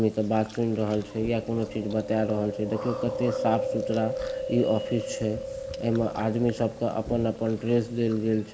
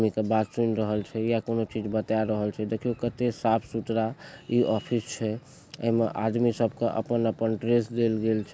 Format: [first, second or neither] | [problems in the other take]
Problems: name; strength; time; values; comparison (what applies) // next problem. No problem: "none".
second | background sound (Chewing, mastication); 8 dB below the speech // room echo; dies away in 0.7 s